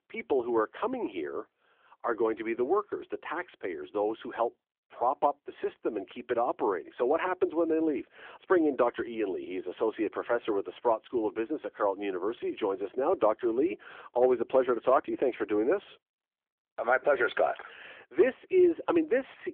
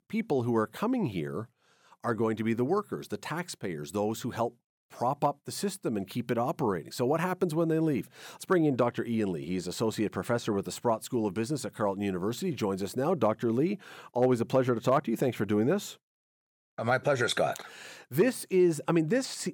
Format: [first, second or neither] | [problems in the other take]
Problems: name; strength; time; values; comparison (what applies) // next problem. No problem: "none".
second | phone-call audio; nothing above 3.5 kHz